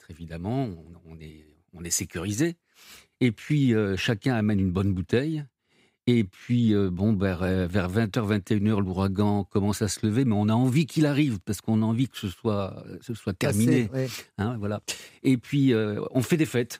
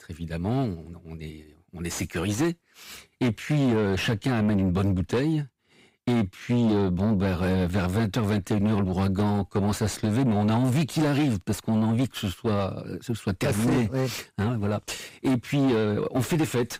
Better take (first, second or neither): first